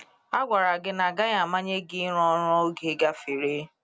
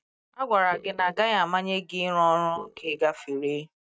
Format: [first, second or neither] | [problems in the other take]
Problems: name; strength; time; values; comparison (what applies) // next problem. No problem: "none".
first | noise reduction (neural mask model DeepFilterNet 3)